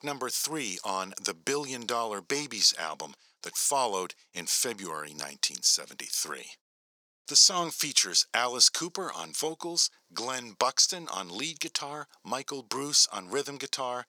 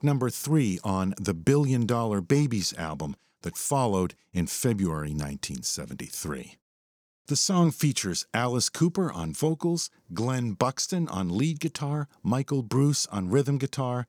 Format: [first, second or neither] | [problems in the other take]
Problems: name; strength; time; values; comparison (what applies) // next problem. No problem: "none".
second | thin; very; fading below 600 Hz